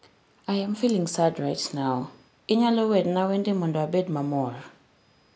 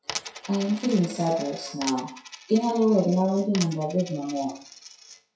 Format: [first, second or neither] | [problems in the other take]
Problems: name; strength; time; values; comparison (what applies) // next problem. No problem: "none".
first | noise reduction (classical method WPE with log-MMSE)